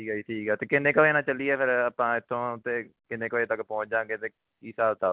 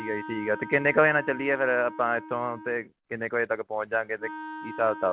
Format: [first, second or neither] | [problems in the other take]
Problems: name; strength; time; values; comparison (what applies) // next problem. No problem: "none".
first | background sound (Wind instrument, woodwind instrument); 14 dB below the speech